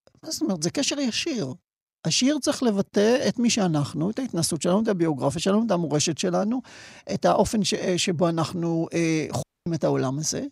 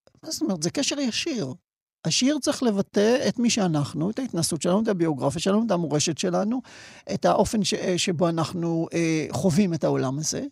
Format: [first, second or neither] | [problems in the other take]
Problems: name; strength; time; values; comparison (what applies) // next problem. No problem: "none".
second | audio cutting out; at 9.5 s